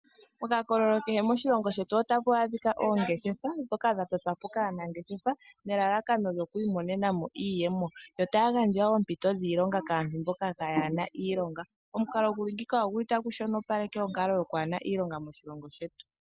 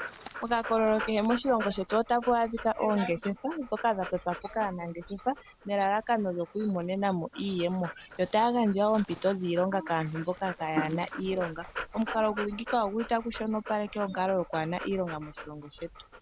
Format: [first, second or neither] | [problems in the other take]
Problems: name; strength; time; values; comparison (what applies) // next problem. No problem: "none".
first | background sound (Dog); 14 dB below the speech